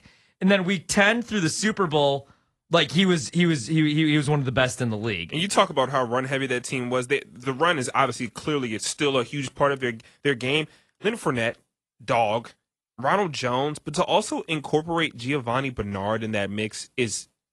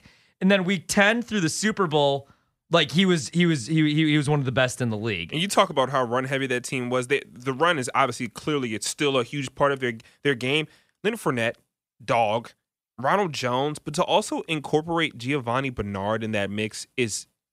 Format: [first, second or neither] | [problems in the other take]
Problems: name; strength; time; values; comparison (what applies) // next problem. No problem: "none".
second | garbled, watery; slightly